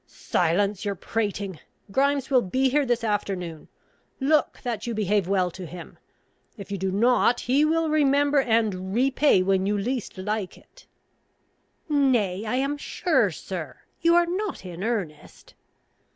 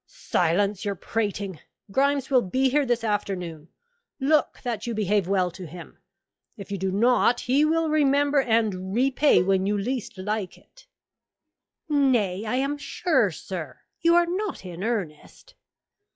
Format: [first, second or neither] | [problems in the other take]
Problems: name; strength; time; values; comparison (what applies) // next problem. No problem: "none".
first | noise reduction (classical method log-MMSE)